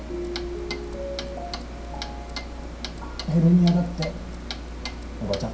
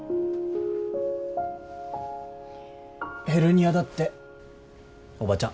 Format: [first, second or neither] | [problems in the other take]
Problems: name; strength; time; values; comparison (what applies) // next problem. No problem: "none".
second | background sound (Clock); 7 dB below the speech // room echo; dies away in 0.5 s